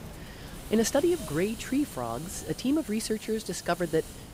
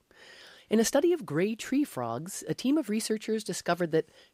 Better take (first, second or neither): second